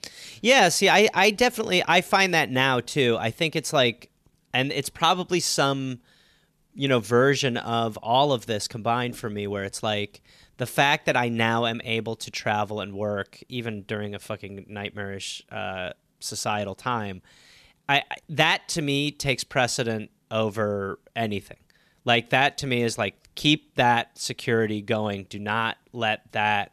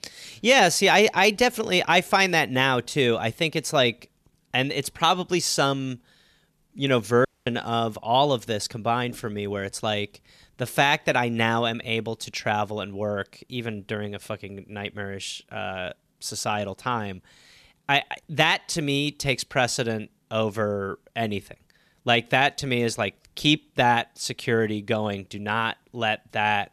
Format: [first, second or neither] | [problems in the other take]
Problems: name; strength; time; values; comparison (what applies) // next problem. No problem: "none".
first | audio cutting out; at 7.5 s